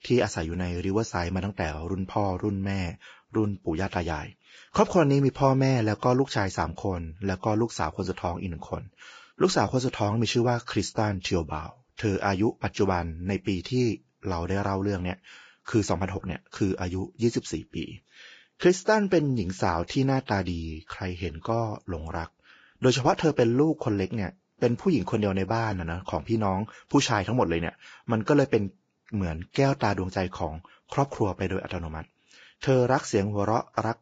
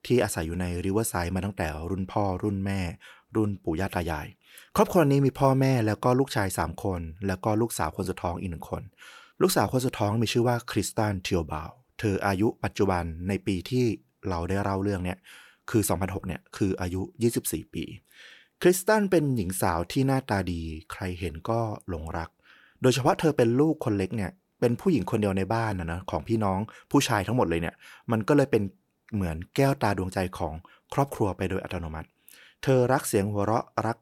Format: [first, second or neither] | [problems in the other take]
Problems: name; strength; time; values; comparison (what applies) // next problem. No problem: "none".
second | garbled, watery; badly; nothing above 7.5 kHz